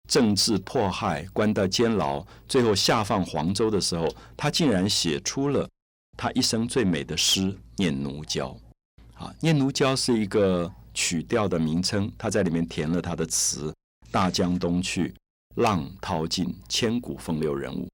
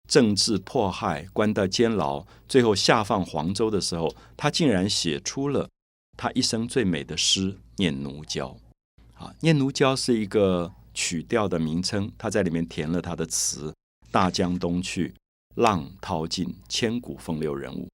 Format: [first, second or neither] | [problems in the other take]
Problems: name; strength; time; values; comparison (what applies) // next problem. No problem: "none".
second | distortion; slight; 10 dB below the speech